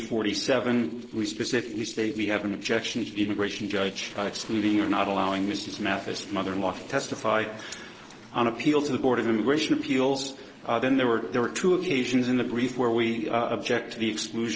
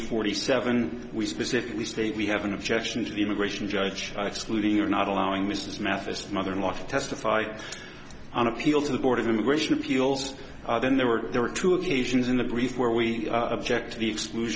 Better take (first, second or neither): second